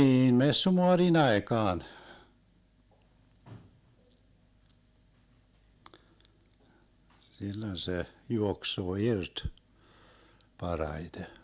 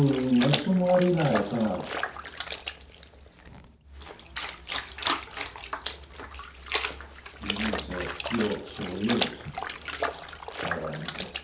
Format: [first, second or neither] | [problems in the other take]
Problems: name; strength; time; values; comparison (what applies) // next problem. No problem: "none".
first | background sound (Trickle, dribble / Splash, splatter); 5 dB below the speech // room echo; dies away in 0.6 s